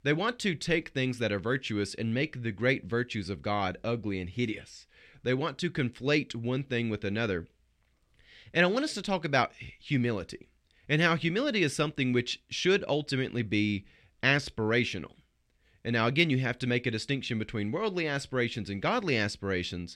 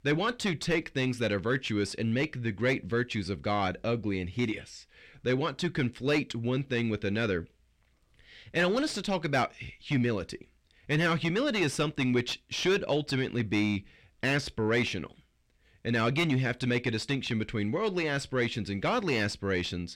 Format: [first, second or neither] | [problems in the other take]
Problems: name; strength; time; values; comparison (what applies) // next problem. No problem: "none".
first | distortion; slight; 10 dB below the speech